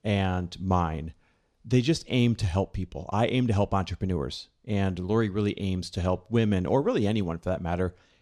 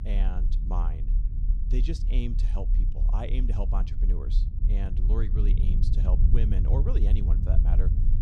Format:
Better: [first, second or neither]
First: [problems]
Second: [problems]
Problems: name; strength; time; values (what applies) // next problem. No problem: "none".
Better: first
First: none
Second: low rumble; loud; throughout; 4 dB below the speech